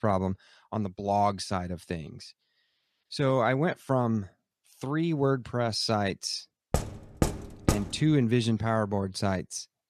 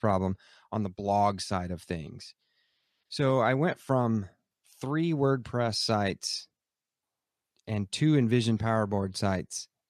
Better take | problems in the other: second | door banging; noticeable; from 6.5 to 8 s; peak 2 dB below the speech

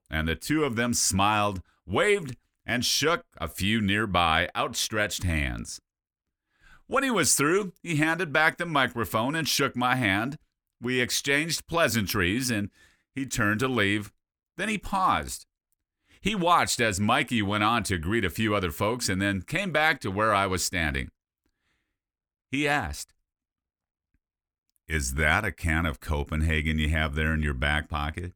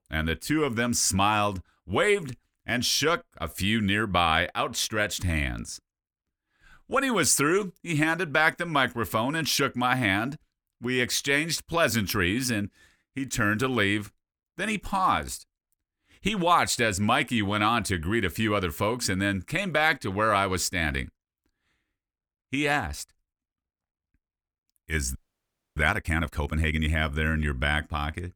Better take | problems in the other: first | audio freezing; at 25 s for 0.5 s

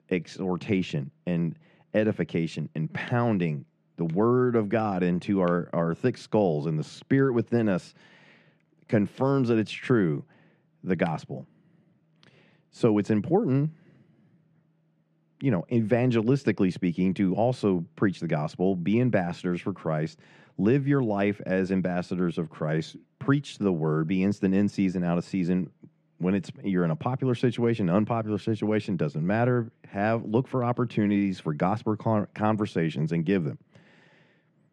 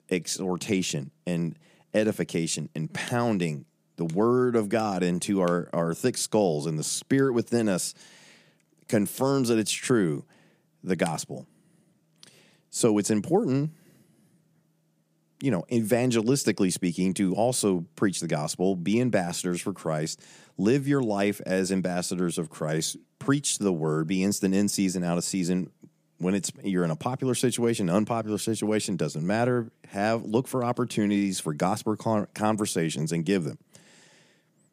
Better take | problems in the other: second | muffled; very; fading above 2 kHz

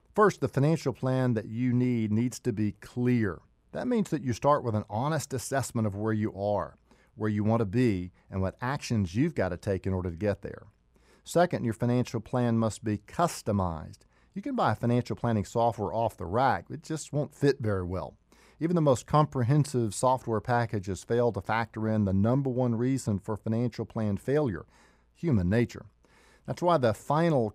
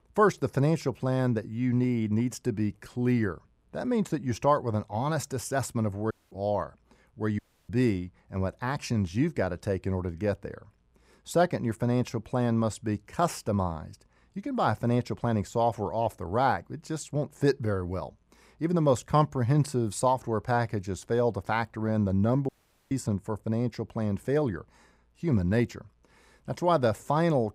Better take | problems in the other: first | audio cutting out; at 6 s, at 7.5 s and at 22 s

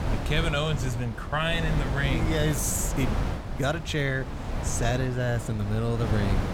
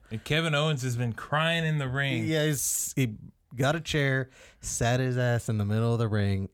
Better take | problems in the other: second | wind noise on the microphone; heavy; 7 dB below the speech

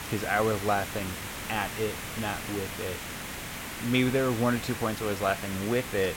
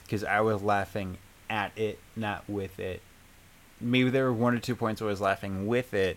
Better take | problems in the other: second | hiss; loud; throughout; 6 dB below the speech; faint in the second

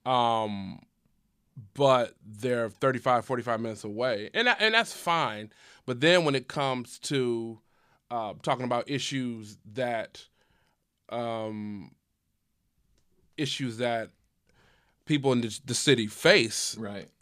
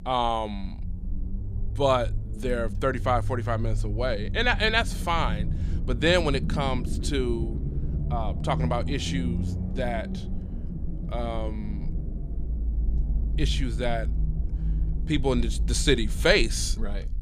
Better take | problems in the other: first | low rumble; noticeable; throughout; 15 dB below the speech

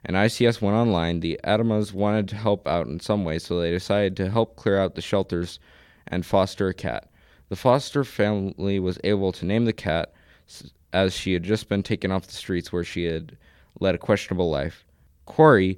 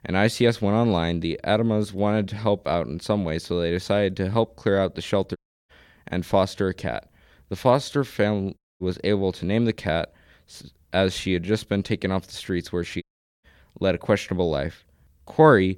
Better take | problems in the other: first | audio cutting out; at 5.5 s, at 8.5 s and at 13 s

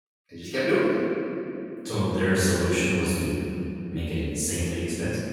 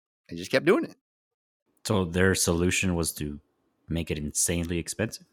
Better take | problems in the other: second | off-mic speech; far // room echo; strong; dies away in 2.7 s

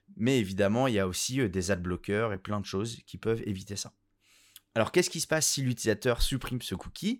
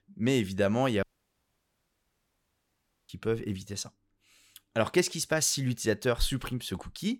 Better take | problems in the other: first | audio cutting out; at 1 s for 2 s

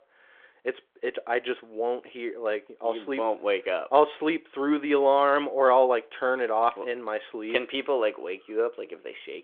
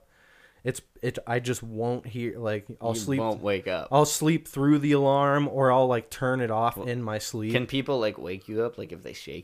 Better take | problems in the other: second | phone-call audio; nothing above 3.5 kHz

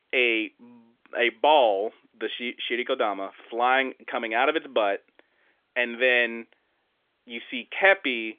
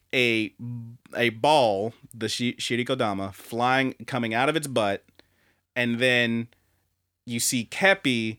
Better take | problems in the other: second | phone-call audio; nothing above 3.5 kHz

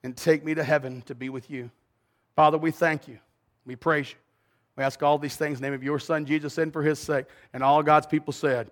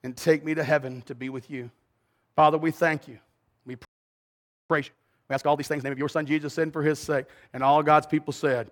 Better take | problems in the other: first | audio freezing; at 4 s for 1 s

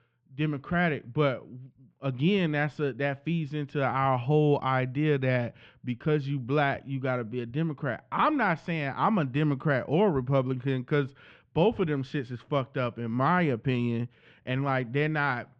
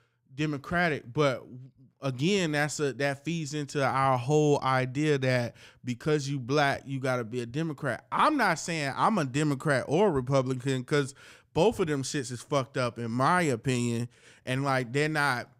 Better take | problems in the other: second | muffled; very; fading above 3 kHz

